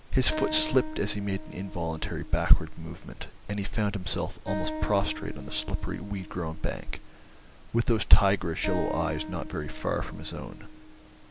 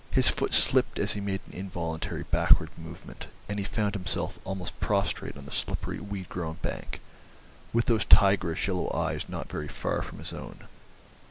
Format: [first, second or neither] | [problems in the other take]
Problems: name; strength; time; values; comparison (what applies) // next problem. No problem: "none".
second | background sound (Acoustic guitar); 14 dB below the speech